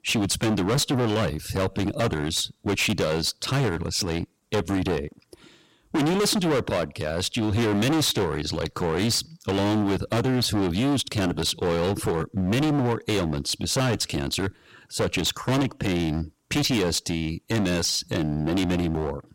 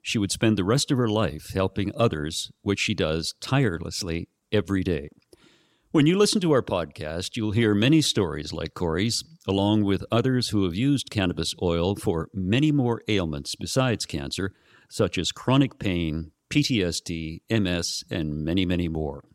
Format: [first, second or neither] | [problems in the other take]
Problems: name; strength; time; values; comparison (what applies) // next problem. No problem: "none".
second | distortion; heavy; 22% of the sound clipped